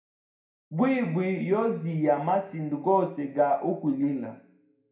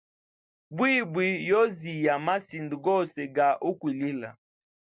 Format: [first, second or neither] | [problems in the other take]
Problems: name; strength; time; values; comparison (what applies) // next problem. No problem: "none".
second | room echo; dies away in 0.5 s